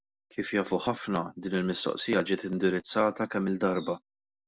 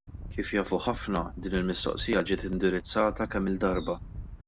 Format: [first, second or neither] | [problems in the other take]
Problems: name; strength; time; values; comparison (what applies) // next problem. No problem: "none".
first | background sound (Wind); 11 dB below the speech